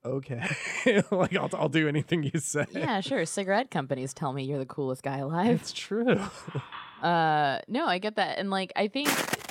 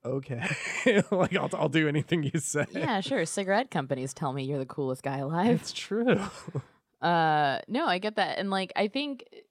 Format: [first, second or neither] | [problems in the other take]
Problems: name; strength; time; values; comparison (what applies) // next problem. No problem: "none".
second | phone ringing; faint; at 6.5 s; peak 15 dB below the speech // footsteps; loud; at 9 s; peak 1 dB above the speech